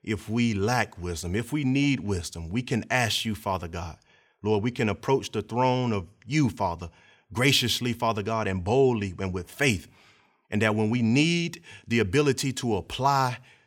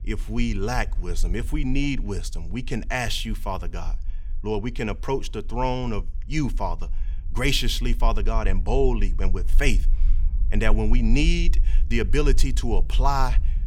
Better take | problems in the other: first | low rumble; faint; throughout; 25 dB below the speech

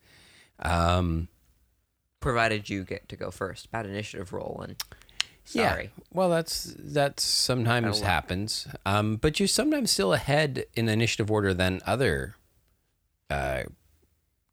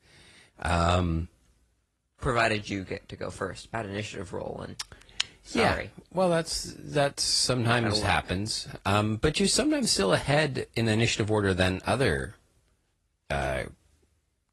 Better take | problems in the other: first | garbled, watery; slightly

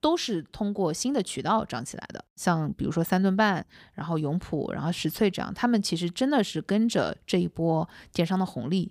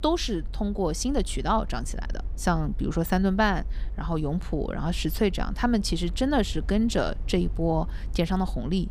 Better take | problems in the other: first | low rumble; faint; throughout; 25 dB below the speech

